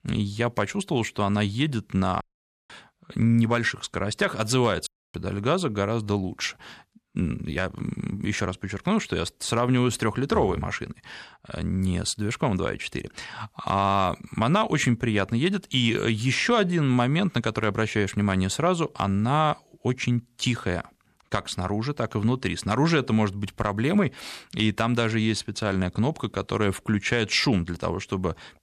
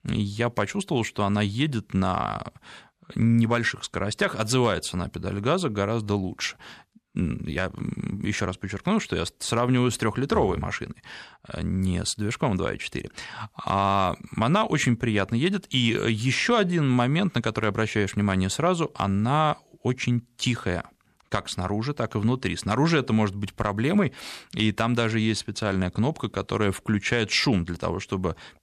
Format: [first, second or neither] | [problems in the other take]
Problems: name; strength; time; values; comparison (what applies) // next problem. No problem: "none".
second | audio cutting out; at 2 s and at 5 s